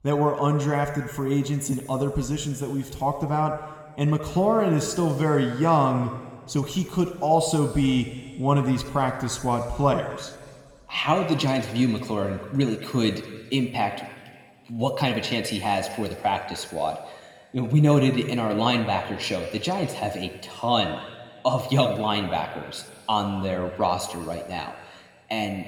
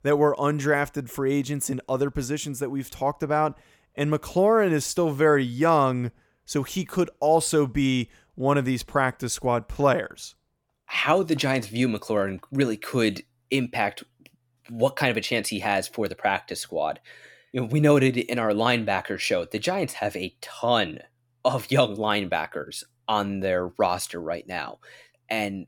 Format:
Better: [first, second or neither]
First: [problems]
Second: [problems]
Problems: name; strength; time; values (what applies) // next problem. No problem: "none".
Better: second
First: room echo; noticeable; dies away in 2 s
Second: none